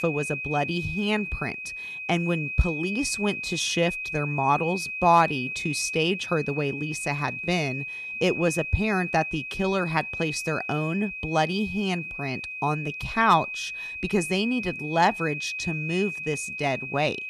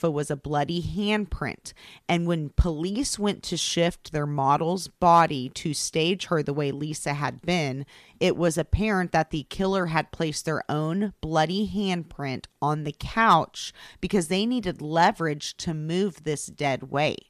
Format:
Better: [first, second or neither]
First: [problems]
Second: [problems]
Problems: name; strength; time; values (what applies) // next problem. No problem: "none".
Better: second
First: high-pitched whine; loud; throughout; 2.5 kHz, 5 dB below the speech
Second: none